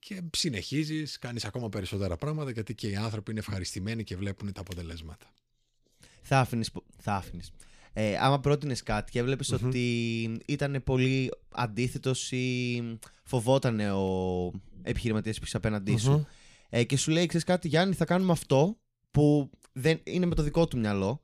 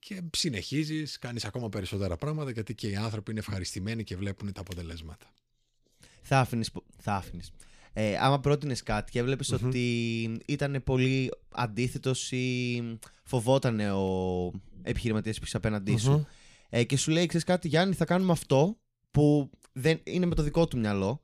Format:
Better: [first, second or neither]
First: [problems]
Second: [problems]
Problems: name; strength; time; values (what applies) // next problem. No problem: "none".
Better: neither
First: none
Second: none